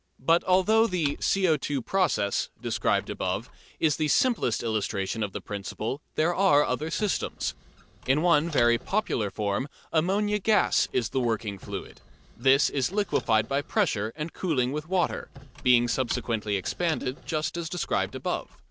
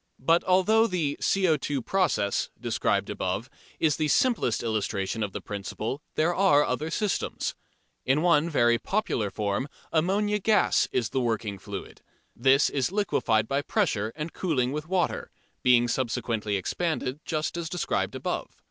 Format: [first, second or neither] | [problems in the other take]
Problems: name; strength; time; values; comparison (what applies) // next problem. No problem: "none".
second | background sound (Squeak + Squeak / Wood); 19 dB below the speech